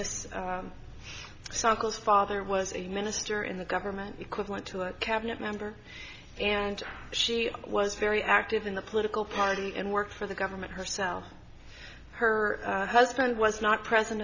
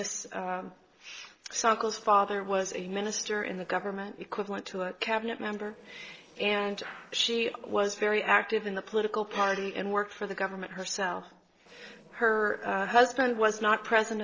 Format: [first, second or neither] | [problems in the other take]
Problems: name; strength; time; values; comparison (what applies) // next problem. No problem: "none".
first | noise reduction (neural separator model SepFormer DNS4)